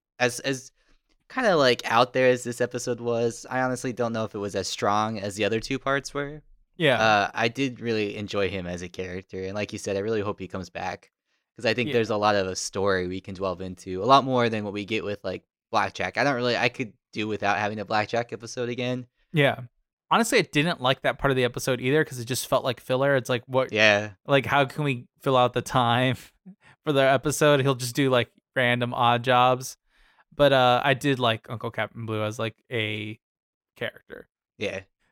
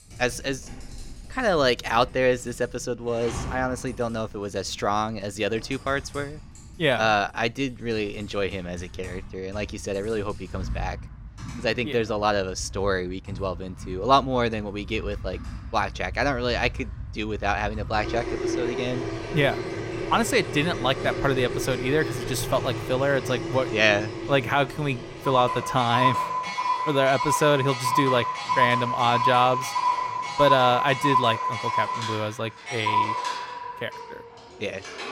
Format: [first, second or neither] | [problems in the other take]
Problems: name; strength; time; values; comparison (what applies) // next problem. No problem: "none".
first | household noises; loud; throughout; 3 dB below the speech